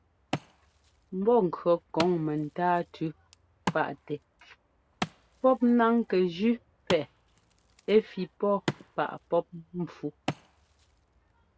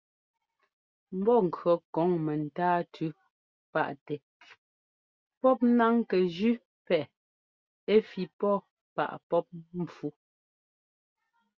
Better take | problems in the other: second | background sound (Wood); 12 dB below the speech

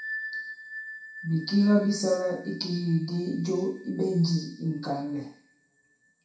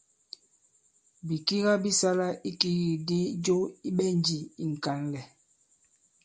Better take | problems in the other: second | background sound (Bell); 15 dB below the speech // room echo; dies away in 0.6 s

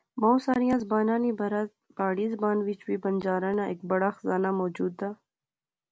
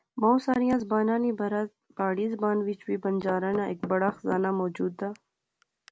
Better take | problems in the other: first | background sound (Knock / Wood); 16 dB below the speech

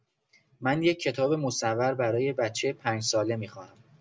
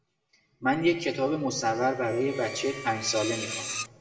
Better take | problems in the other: first | background sound (Screech); 11 dB below the speech // room echo; dies away in 1.3 s

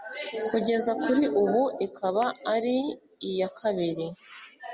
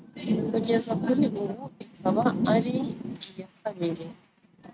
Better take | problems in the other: first | noise reduction (neural mask model RNNoise)

